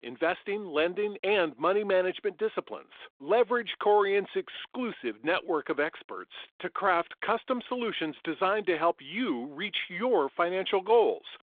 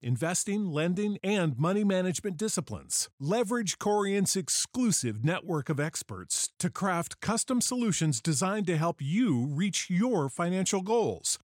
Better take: second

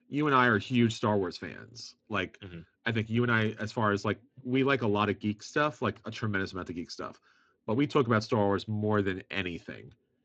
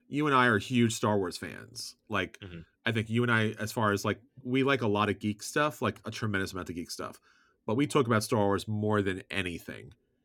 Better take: second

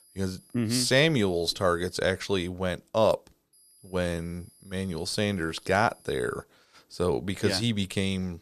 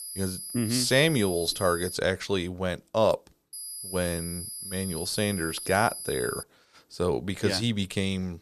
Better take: first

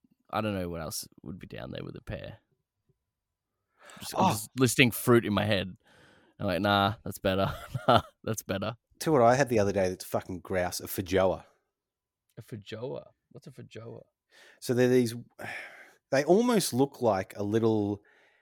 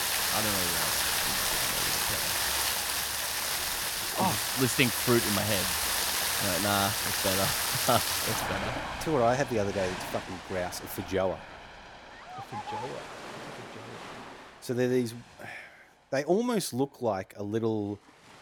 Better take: first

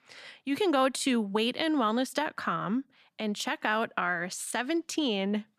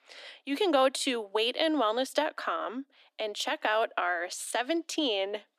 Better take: first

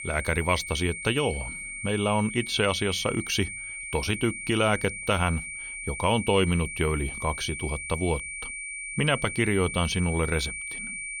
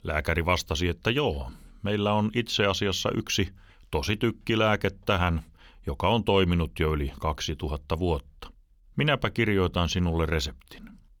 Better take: second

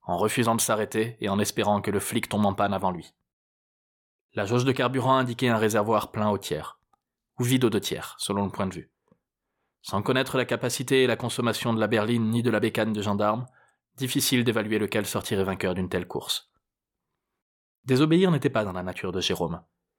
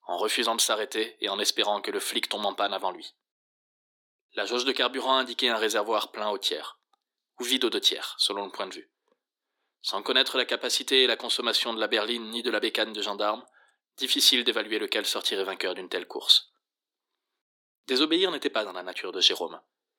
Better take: first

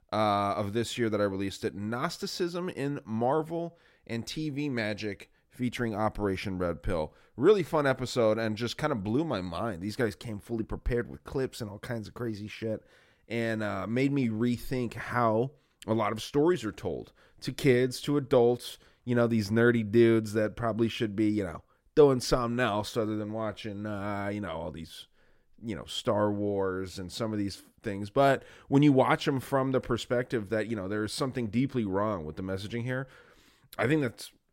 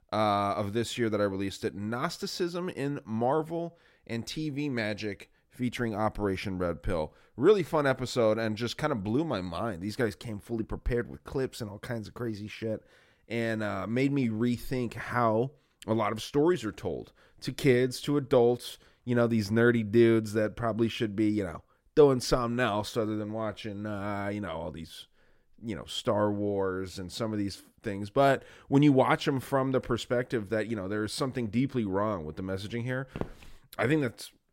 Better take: first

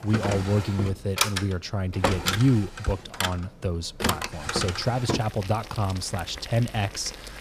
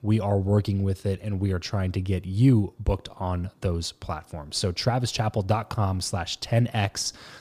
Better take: second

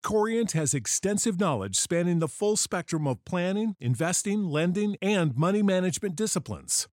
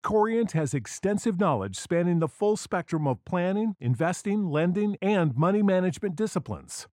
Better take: first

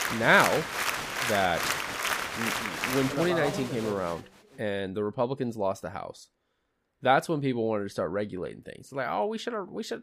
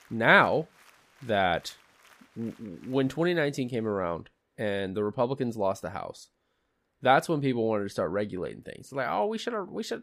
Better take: second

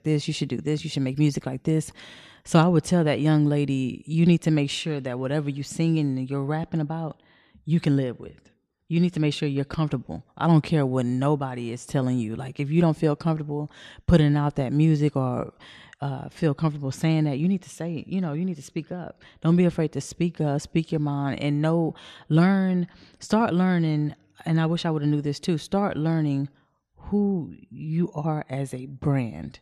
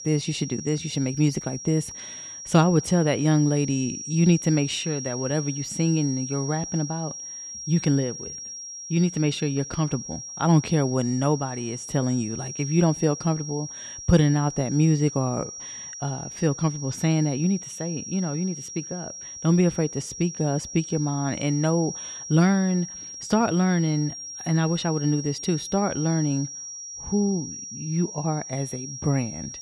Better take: first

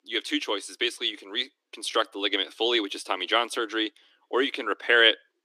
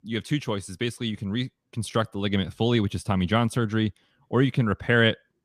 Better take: second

